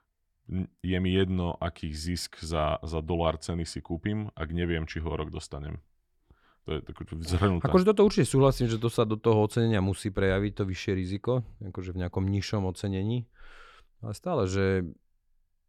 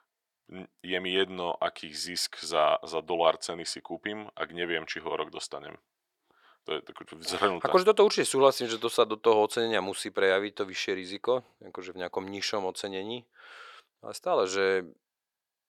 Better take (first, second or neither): first